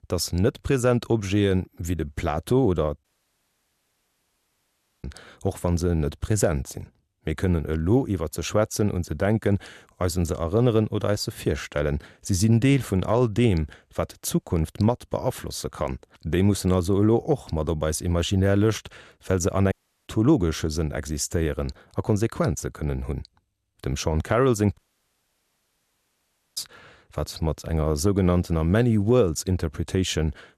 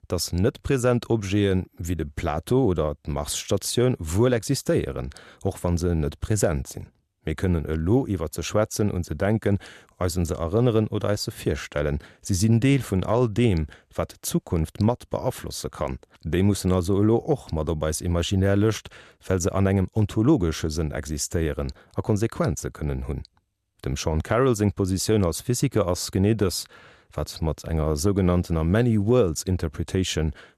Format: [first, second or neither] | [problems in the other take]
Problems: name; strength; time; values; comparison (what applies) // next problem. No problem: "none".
second | audio cutting out; at 3 s for 2 s, at 20 s and at 25 s for 2 s